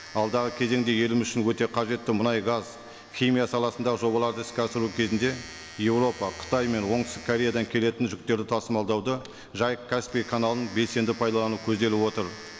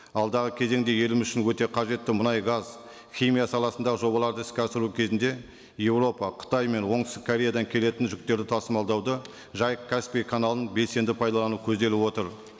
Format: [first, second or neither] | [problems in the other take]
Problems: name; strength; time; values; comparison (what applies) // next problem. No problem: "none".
second | background sound (Domestic sounds, home sounds); 19 dB below the speech